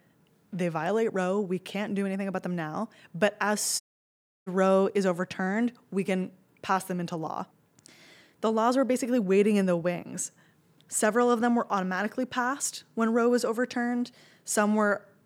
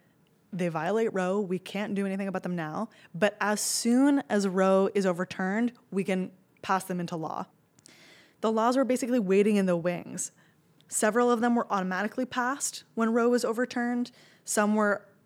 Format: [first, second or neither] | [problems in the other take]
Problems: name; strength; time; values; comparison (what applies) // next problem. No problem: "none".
second | audio cutting out; at 4 s for 0.5 s